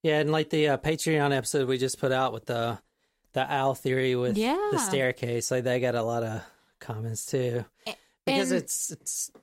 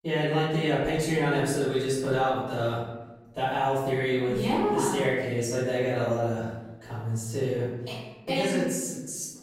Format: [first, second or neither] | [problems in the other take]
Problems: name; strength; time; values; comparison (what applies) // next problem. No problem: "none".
first | off-mic speech; far // room echo; noticeable; dies away in 1.1 s